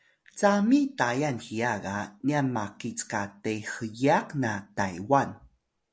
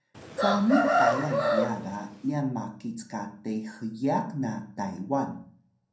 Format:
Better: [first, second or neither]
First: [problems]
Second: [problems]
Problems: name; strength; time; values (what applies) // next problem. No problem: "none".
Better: first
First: none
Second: background sound (Chicken, rooster); 3 dB above the speech // room echo; dies away in 0.6 s